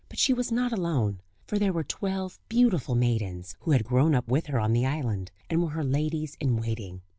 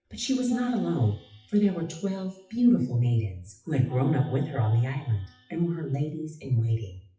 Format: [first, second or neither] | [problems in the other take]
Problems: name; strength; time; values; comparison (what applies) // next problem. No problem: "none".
first | noise reduction (classical method WPE with log-MMSE)